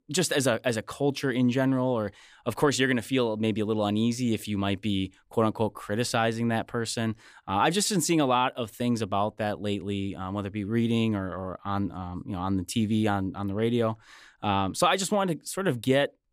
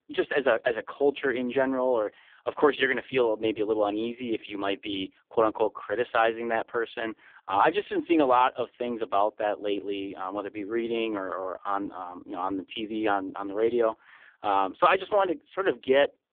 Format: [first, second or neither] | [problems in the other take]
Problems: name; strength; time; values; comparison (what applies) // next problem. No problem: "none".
first | phone-call audio; poor line; nothing above 3.5 kHz